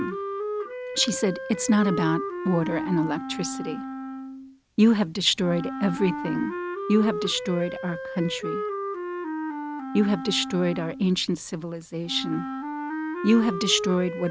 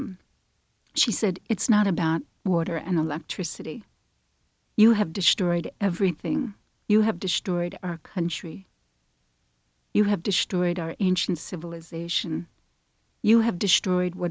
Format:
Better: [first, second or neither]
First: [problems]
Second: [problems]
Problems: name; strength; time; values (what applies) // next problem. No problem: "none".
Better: second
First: background sound (Wind instrument, woodwind instrument); 7 dB below the speech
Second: none